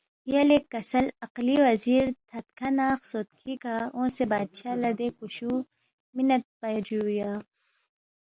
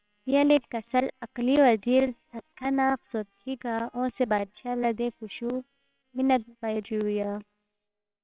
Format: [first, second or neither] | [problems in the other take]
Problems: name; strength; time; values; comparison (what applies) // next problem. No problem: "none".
first | noise reduction (neural separator model SepFormer WHAMR!)